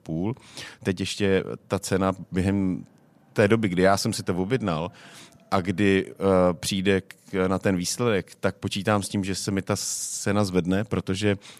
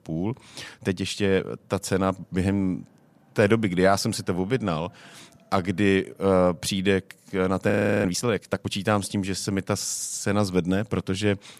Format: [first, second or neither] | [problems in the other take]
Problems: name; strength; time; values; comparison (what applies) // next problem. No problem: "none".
first | audio freezing; at 7.5 s